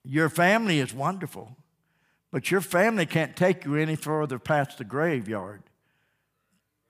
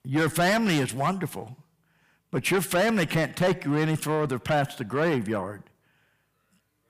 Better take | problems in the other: first | distortion; heavy; 7 dB below the speech

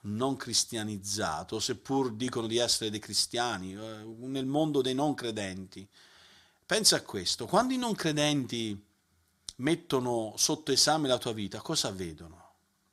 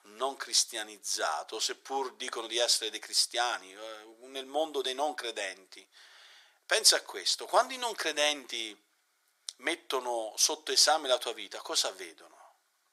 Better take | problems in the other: first | thin; very; fading below 450 Hz

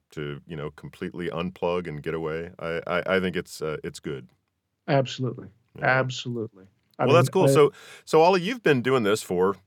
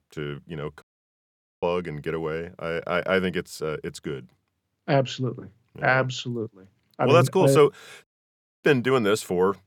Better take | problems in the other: first | audio cutting out; at 1 s for 1 s and at 8 s for 0.5 s

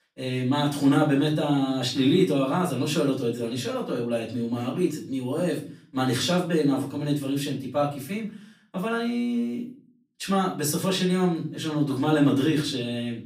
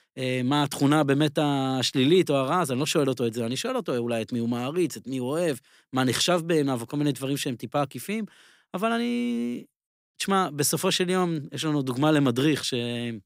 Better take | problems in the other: second | room echo; slight; dies away in 0.4 s // off-mic speech; far

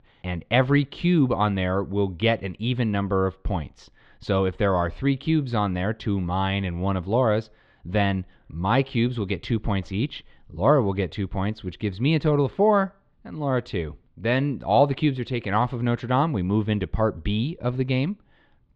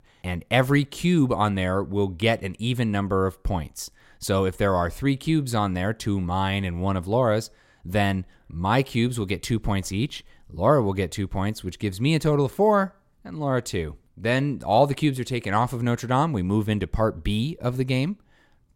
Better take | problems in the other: second | muffled; slightly; fading above 3.5 kHz

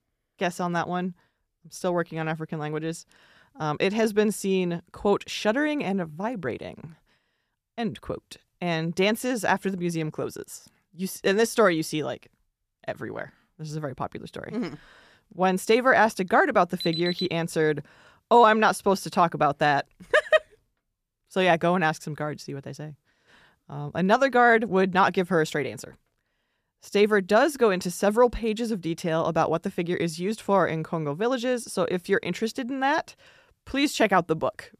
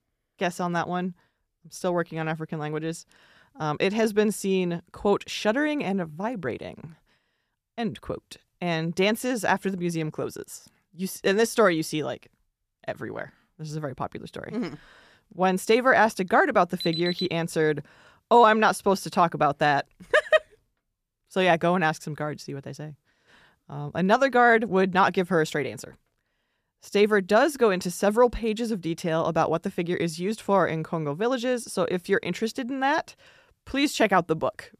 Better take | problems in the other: neither | alarm; noticeable; at 17 s; peak 6 dB below the speech; the same in both

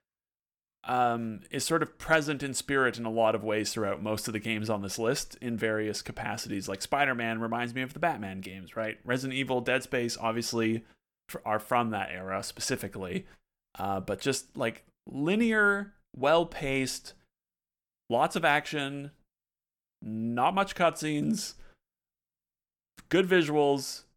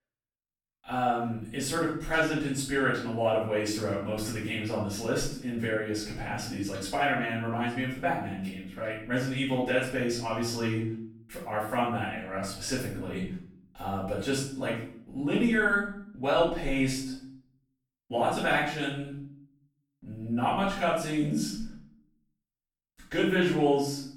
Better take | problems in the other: first | room echo; noticeable; dies away in 0.6 s // off-mic speech; far

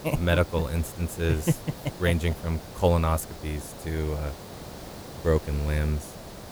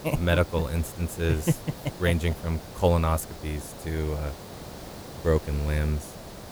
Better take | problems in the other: neither | hiss; noticeable; throughout; 15 dB below the speech; the same in both

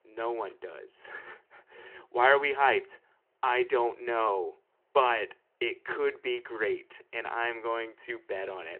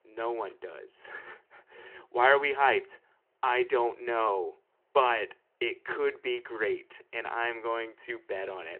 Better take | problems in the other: neither | phone-call audio; the same in both

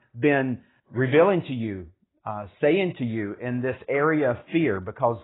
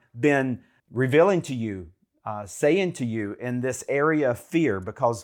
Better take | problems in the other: second | garbled, watery; badly; nothing above 4 kHz

